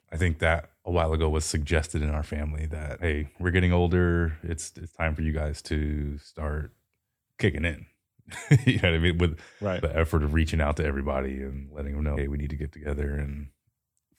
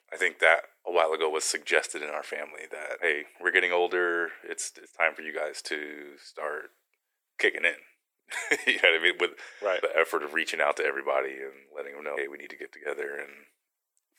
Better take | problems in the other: first | thin; very; fading below 400 Hz

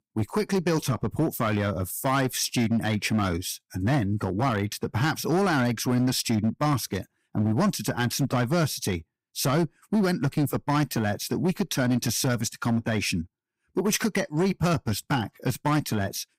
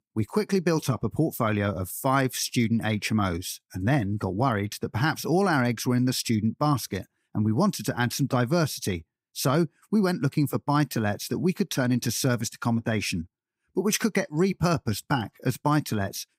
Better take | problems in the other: second | distortion; slight; 9% of the sound clipped

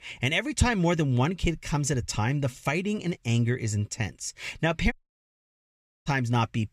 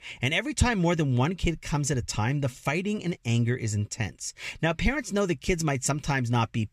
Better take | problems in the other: second | audio cutting out; at 5 s for 1 s

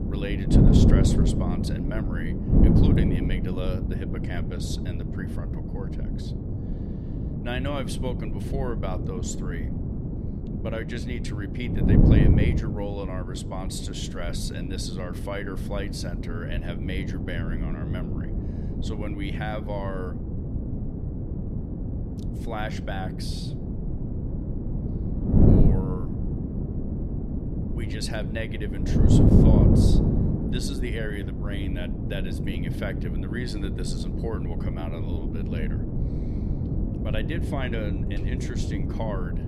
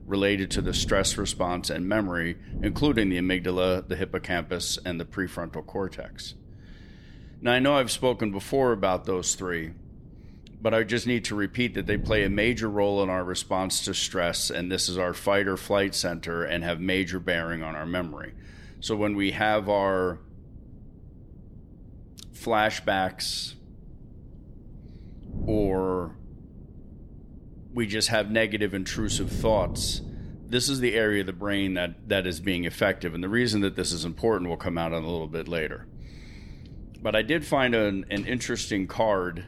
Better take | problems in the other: second | wind noise on the microphone; heavy; 1 dB above the speech; occasional gusts in the second

